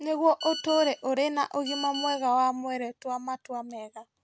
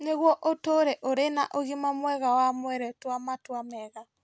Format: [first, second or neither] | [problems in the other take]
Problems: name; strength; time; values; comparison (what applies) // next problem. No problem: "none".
second | background sound (Telephone); 10 dB below the speech